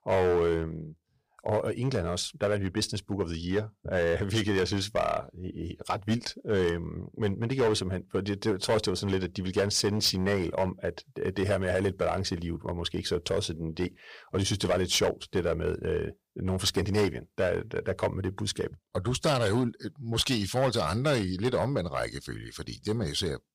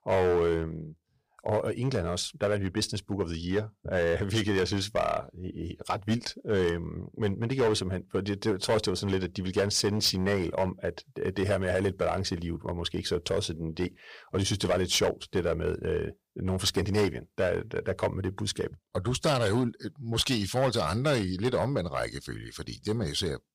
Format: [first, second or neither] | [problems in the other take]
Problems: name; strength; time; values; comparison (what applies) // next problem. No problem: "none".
neither | distortion; slight; 5% of the sound clipped; the same in both